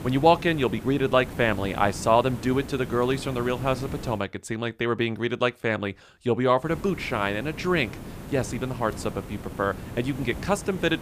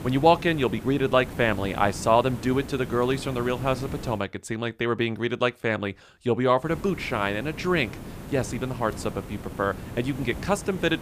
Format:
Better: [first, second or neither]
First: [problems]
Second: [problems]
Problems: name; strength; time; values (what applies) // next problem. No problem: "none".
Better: neither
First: hiss; noticeable; until 4 s and from 6.5 s on; 10 dB below the speech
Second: hiss; noticeable; until 4 s and from 6.5 s on; 10 dB below the speech